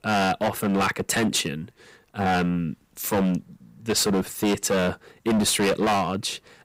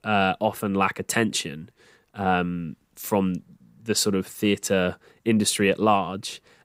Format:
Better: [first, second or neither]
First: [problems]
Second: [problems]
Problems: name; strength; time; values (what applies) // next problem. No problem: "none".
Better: second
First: distortion; heavy; 15% of the sound clipped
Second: none